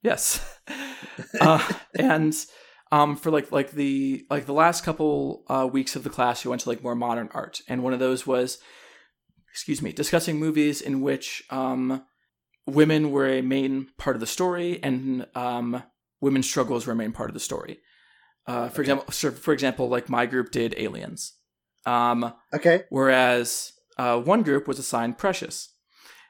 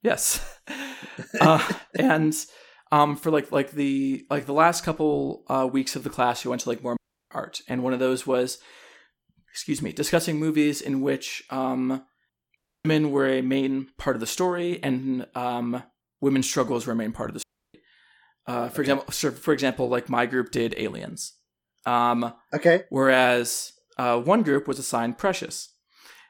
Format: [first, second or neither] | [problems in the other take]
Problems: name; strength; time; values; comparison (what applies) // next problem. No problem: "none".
first | audio cutting out; at 7 s, at 13 s and at 17 s